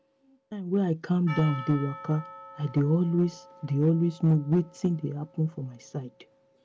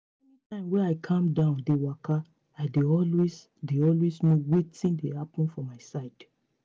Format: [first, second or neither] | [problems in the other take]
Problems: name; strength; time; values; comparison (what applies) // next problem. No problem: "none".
second | background sound (Percussion); 18 dB below the speech